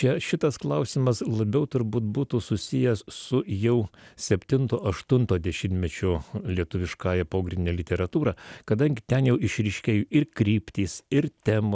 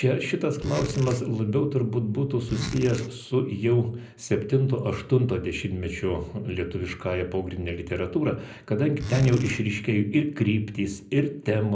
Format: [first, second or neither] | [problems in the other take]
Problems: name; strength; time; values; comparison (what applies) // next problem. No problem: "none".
first | background sound (Zipper (clothing)); 11 dB below the speech // room echo; dies away in 0.5 s